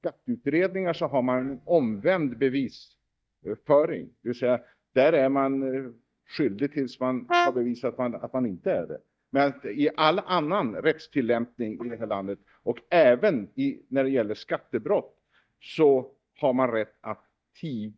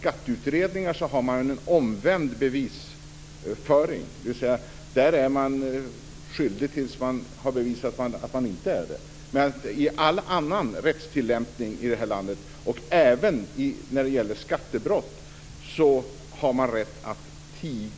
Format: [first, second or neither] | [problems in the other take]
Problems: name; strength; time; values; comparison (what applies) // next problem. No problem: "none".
second | noise reduction (neural mask model DeepFilterNet 3)